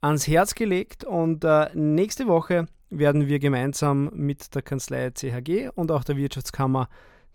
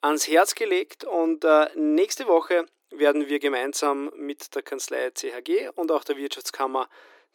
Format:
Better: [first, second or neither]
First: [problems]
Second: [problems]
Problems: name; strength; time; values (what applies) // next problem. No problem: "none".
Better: first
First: none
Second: thin; somewhat; fading below 300 Hz